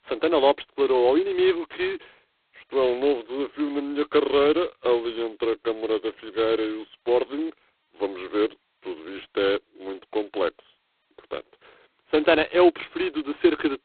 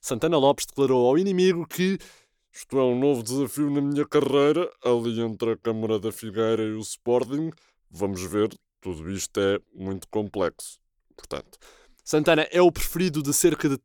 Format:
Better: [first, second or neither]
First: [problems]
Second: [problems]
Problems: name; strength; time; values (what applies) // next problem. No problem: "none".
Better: second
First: phone-call audio; poor line; nothing above 4 kHz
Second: none